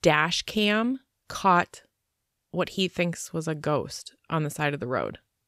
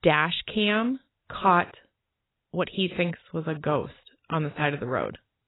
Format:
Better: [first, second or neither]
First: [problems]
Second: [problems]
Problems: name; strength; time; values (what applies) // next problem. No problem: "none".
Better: first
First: none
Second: garbled, watery; badly; nothing above 4 kHz